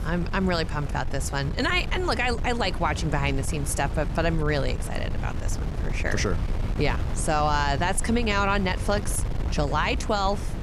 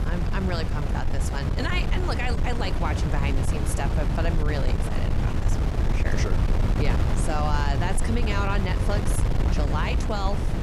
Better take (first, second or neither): first